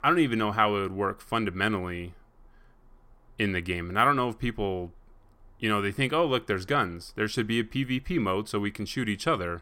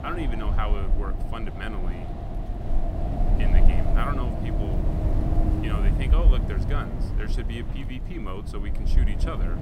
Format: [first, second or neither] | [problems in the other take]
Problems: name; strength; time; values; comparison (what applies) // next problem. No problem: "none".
first | wind noise on the microphone; heavy; 2 dB below the speech